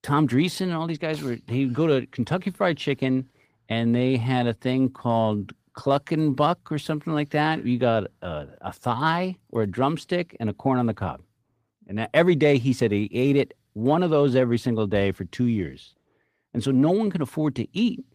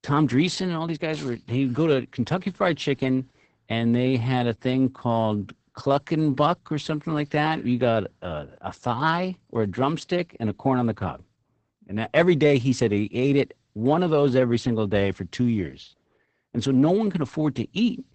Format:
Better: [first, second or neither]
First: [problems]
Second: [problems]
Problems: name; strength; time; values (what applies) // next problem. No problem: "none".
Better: first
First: garbled, watery; slightly; nothing above 15 kHz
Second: garbled, watery; badly; nothing above 8 kHz